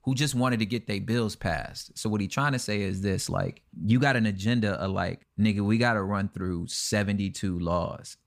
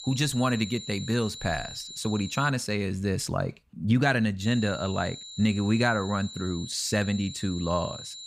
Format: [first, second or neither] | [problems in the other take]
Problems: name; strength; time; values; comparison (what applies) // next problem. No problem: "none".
first | high-pitched whine; noticeable; until 2.5 s and from 4.5 s on; 4 kHz, 10 dB below the speech